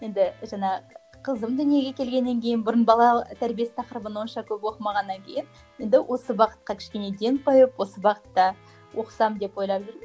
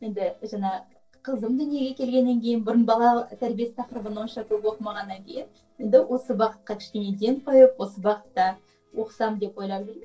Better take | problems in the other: first | noise reduction (neural separator model SepFormer DNS4)

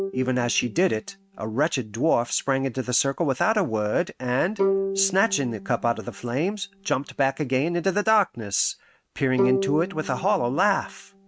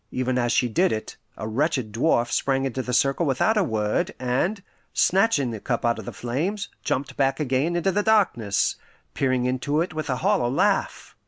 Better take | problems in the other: second | noise reduction (neural mask model RNNoise)

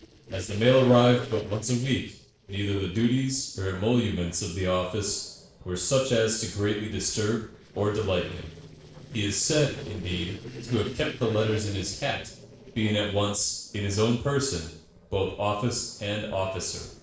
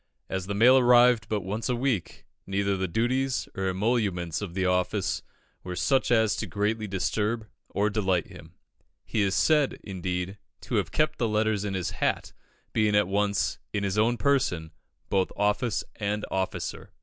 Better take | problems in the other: second | noise reduction (neural separator model SepFormer DNS4)

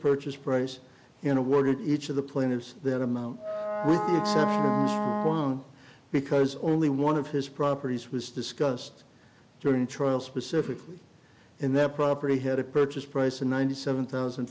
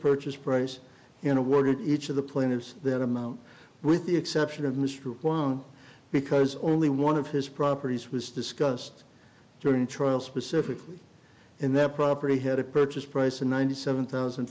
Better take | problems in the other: second | background sound (Wind instrument, woodwind instrument); 2 dB below the speech

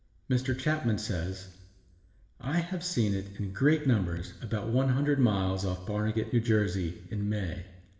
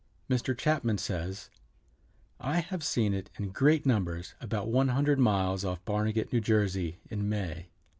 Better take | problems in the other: second | background sound (Bass drum); 15 dB below the speech // room echo; dies away in 1 s

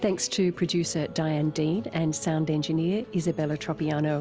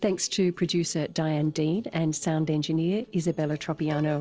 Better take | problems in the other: first | noise reduction (neural separator model SepFormer DNS4)

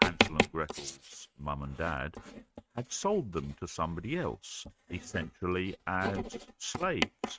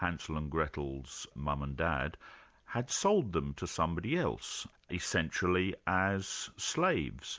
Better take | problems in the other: second | noise reduction (neural mask model RNNoise)

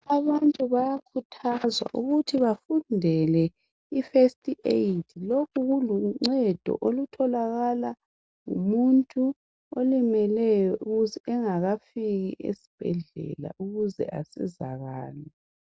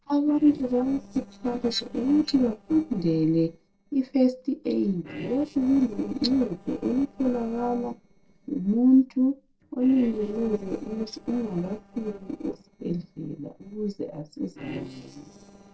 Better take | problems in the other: first | noise reduction (neural separator model SepFormer DNS4)

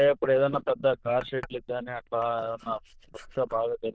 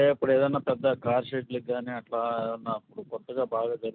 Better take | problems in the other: second | noise reduction (neural diffusion model UNIVERSE++)

